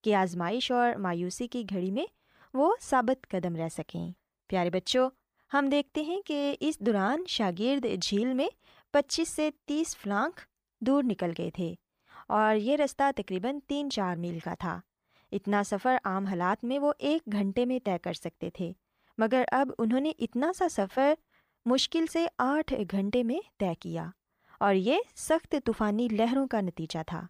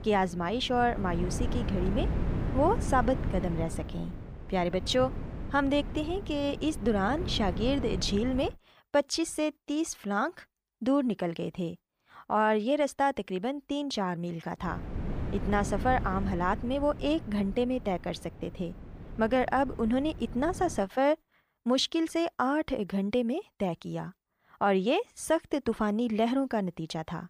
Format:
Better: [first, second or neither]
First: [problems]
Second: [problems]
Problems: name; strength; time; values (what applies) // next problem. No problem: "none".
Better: first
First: none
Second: wind noise on the microphone; occasional gusts; until 8.5 s and from 15 to 21 s; 15 dB below the speech